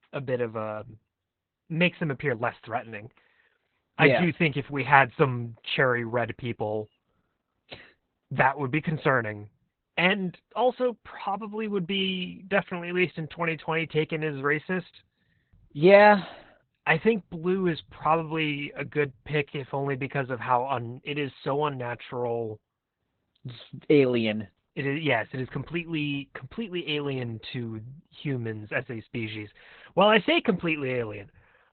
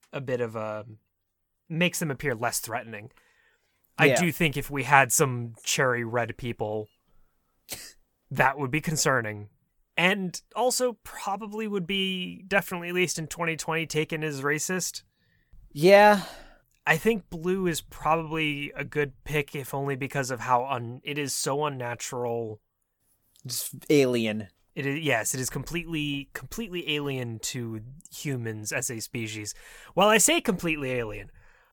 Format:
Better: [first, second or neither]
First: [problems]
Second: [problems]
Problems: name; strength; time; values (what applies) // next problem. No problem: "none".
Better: second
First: garbled, watery; badly; nothing above 4 kHz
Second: none